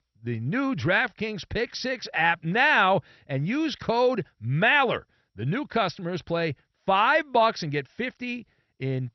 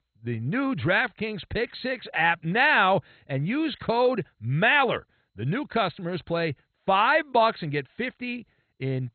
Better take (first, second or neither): first